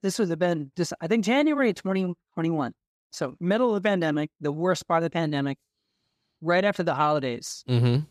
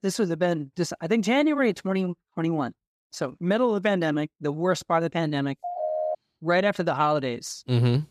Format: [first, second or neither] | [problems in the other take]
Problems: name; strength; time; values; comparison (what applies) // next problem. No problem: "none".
first | phone ringing; noticeable; at 5.5 s; peak 2 dB below the speech